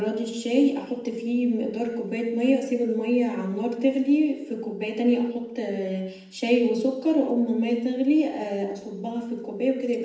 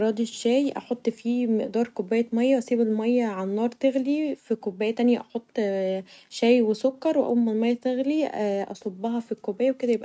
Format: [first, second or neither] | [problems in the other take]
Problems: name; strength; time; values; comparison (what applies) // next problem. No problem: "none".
second | room echo; dies away in 0.7 s